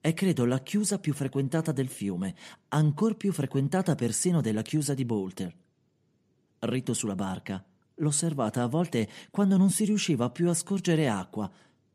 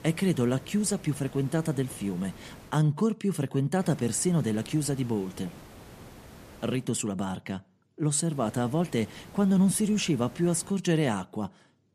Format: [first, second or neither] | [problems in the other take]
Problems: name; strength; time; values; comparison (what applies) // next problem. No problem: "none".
first | hiss; faint; until 2.5 s, from 4 to 7 s and from 8.5 to 11 s; 20 dB below the speech